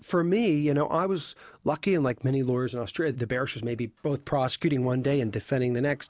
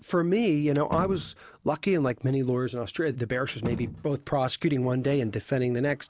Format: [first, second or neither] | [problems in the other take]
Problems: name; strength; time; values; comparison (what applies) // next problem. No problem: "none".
first | background sound (Slam); 13 dB below the speech